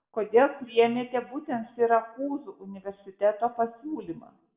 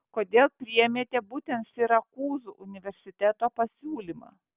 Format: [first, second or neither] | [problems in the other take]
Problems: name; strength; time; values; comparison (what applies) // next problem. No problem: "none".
second | room echo; dies away in 0.5 s